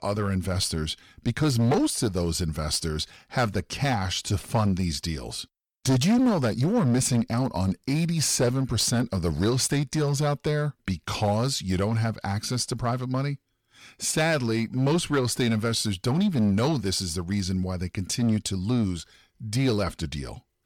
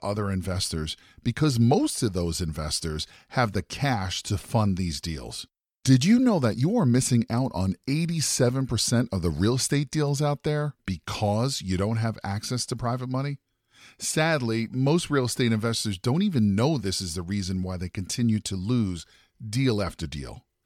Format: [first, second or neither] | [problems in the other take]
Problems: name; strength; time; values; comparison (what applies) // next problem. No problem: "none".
second | distortion; slight; 7% of the sound clipped